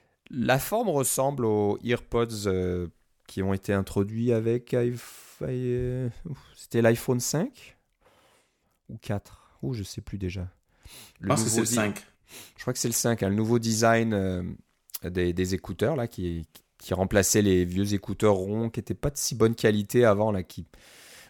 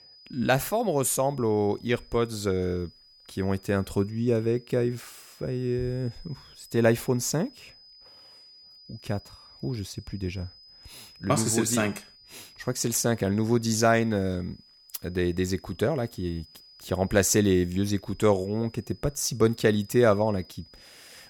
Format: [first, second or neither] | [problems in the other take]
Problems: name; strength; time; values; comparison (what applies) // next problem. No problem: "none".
first | high-pitched whine; faint; throughout; 5 kHz, 25 dB below the speech